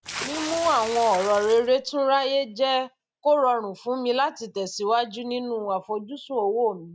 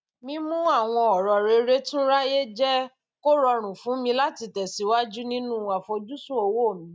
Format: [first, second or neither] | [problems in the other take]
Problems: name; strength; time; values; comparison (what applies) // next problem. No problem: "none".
second | background sound (Water / Splash, splatter); 11 dB below the speech